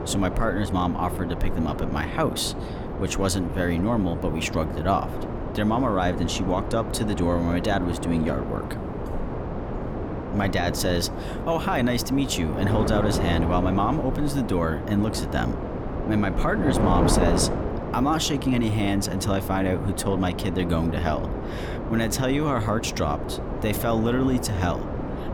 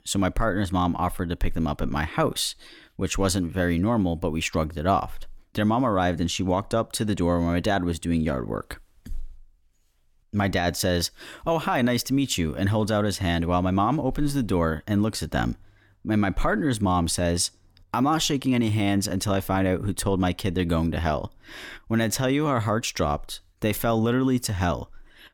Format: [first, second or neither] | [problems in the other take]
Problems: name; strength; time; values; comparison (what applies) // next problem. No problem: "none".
second | wind noise on the microphone; heavy; 6 dB below the speech